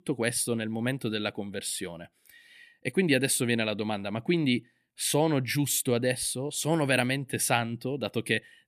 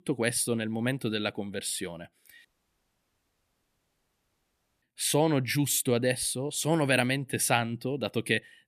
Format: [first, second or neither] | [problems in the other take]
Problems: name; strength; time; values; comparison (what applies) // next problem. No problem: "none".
first | audio cutting out; at 2.5 s for 2.5 s